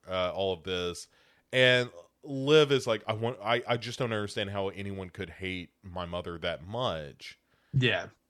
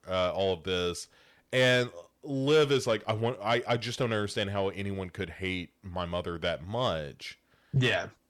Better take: first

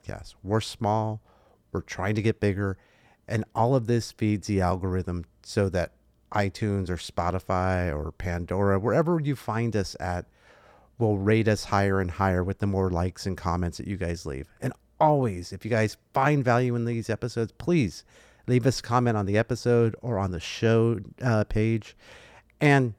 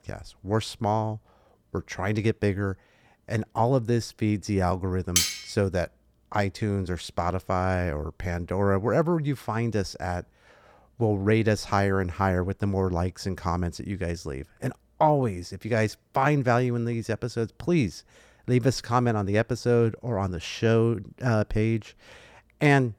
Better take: first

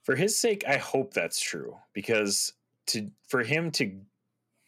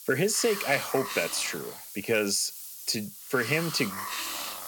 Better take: first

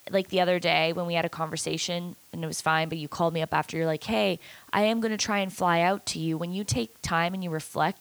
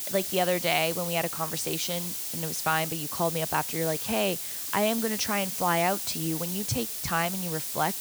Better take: first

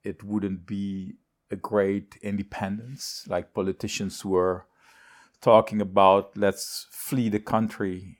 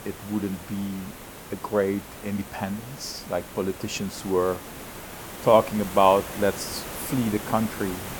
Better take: first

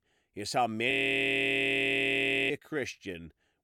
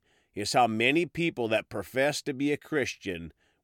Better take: second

